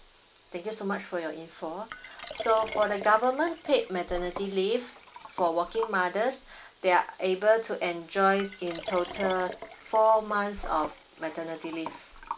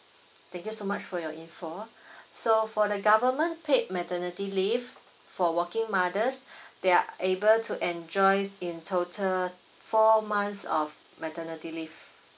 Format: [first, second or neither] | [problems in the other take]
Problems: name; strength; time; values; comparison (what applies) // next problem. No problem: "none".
second | background sound (Liquid); 14 dB below the speech